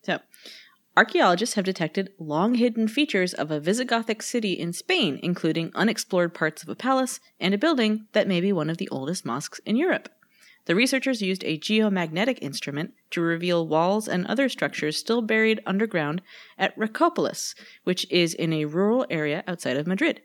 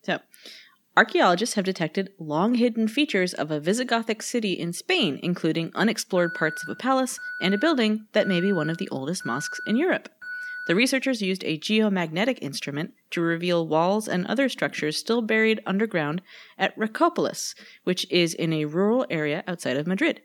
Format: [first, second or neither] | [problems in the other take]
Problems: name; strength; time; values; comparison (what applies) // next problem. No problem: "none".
first | alarm; noticeable; from 6 to 11 s; peak 8 dB below the speech